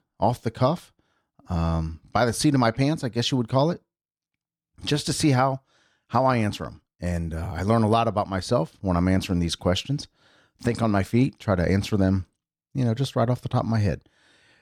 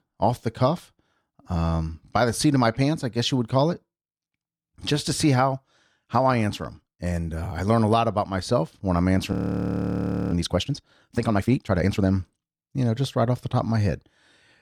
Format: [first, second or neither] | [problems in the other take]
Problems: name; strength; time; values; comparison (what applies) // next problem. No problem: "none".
first | audio freezing; at 9.5 s for 1 s